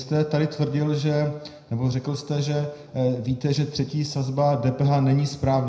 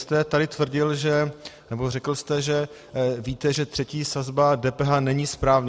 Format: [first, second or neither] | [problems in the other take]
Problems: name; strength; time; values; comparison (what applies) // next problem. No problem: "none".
second | room echo; dies away in 0.7 s